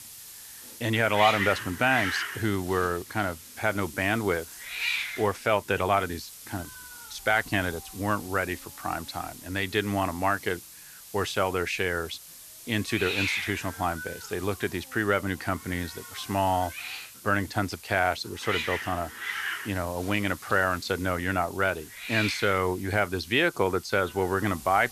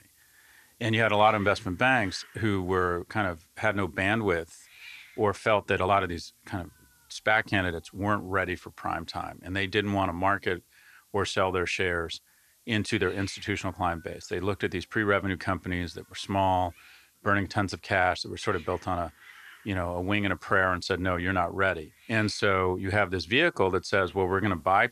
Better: second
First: hiss; loud; throughout; 8 dB below the speech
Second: hiss; faint; throughout; 25 dB below the speech

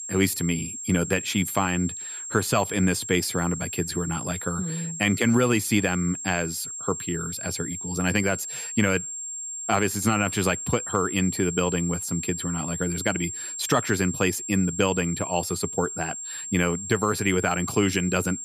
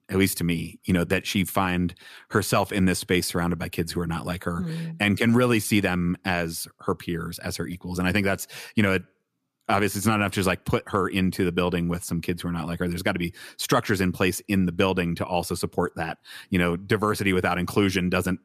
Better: second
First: high-pitched whine; loud; throughout; 7.5 kHz, 6 dB below the speech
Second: none

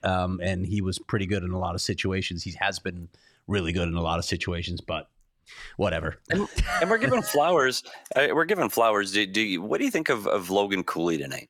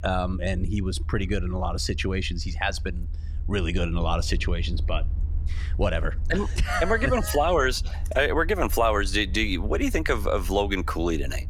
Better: first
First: none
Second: low rumble; faint; throughout; 25 dB below the speech

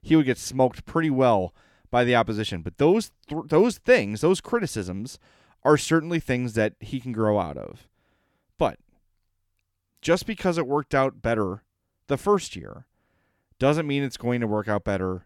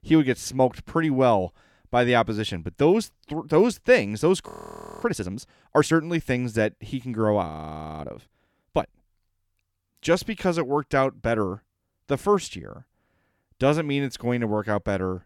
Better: first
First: none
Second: audio freezing; at 4.5 s for 0.5 s and at 7.5 s for 0.5 s

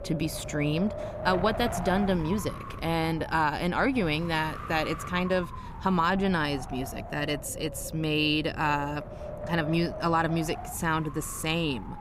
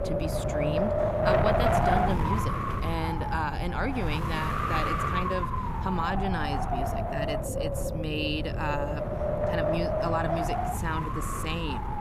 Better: first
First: wind noise on the microphone; occasional gusts; 10 dB below the speech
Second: wind noise on the microphone; heavy; 4 dB above the speech

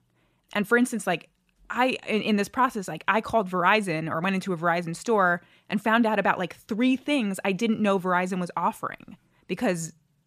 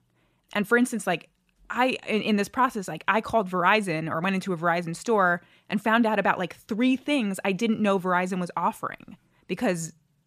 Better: neither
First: none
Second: none

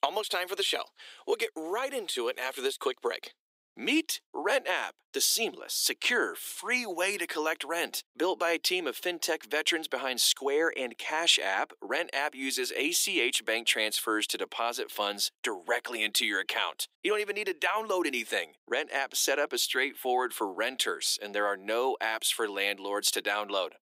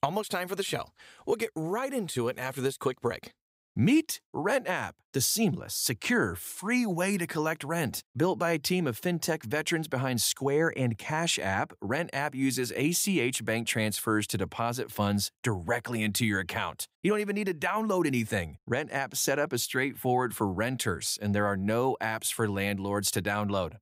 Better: second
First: thin; very; fading below 350 Hz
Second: none

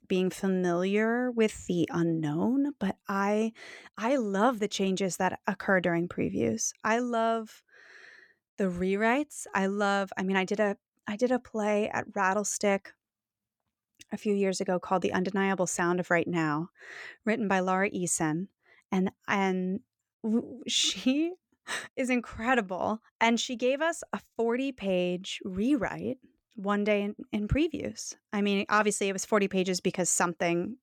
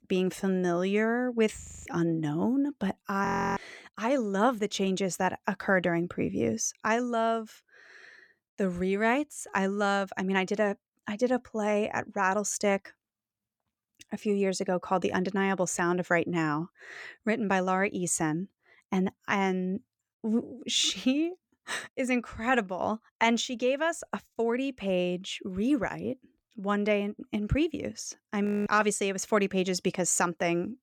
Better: first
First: none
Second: audio freezing; at 1.5 s, at 3.5 s and at 28 s

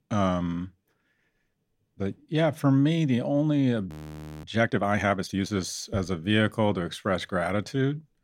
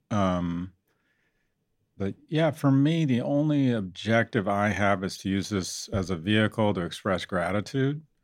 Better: second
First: audio freezing; at 4 s for 0.5 s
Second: none

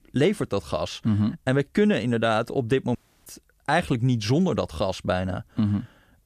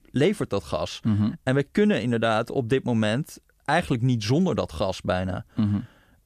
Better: second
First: audio cutting out; at 3 s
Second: none

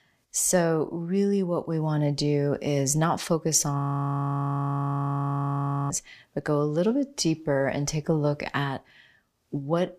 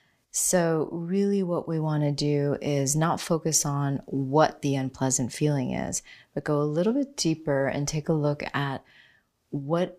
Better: second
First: audio freezing; at 4 s for 2 s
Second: none

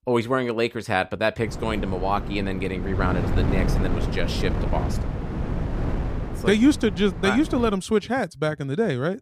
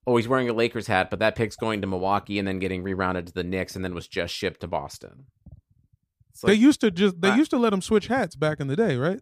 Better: second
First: wind noise on the microphone; heavy; from 1.5 to 7.5 s; 9 dB below the speech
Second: none

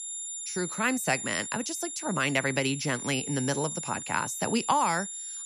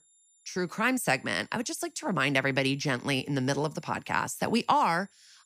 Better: second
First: high-pitched whine; loud; throughout; 7 kHz, 6 dB below the speech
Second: high-pitched whine; faint; throughout; 7 kHz, 35 dB below the speech

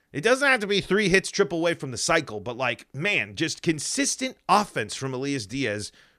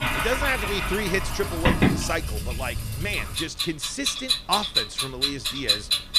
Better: first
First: none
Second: household noises; very loud; throughout; 4 dB above the speech

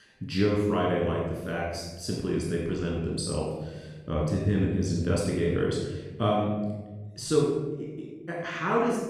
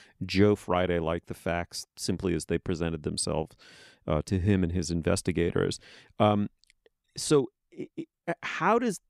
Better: second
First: off-mic speech; far // room echo; noticeable; dies away in 1.1 s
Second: none

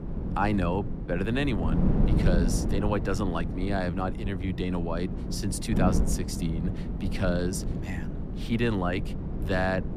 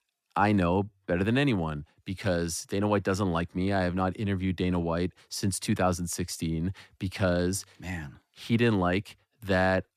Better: second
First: wind noise on the microphone; heavy; 7 dB below the speech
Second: none

